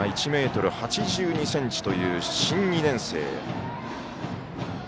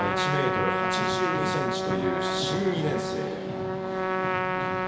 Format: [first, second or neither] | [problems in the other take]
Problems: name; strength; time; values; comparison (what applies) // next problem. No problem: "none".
first | background sound (Trumpet); 2 dB above the speech // room echo; dies away in 0.8 s